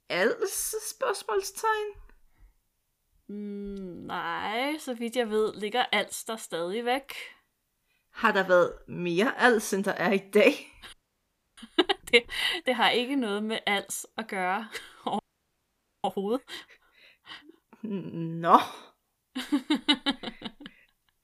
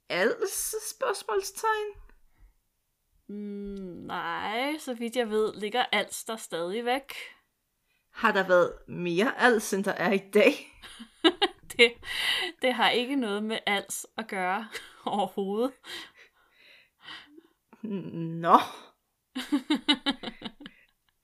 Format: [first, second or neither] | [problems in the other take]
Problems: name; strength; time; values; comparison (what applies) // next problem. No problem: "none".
second | audio freezing; at 11 s for 0.5 s and at 15 s for 1 s